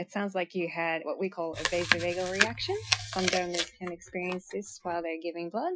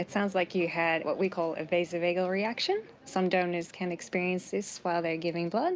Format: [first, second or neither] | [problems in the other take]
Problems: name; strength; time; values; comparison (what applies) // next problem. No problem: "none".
second | noise reduction (classical method Wiener filter)